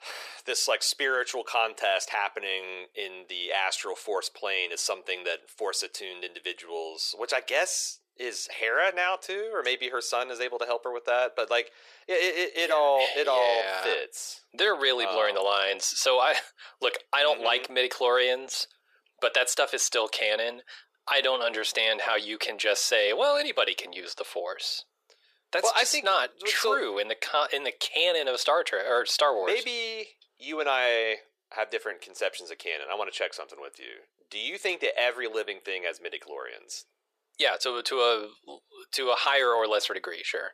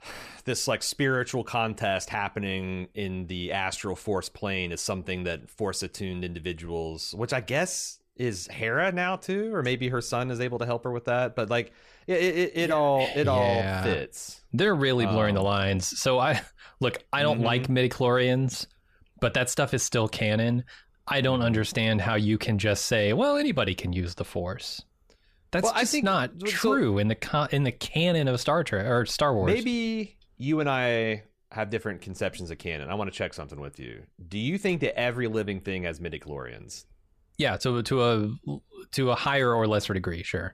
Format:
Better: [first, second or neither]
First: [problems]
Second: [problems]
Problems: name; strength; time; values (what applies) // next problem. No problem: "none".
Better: second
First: thin; very; fading below 450 Hz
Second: none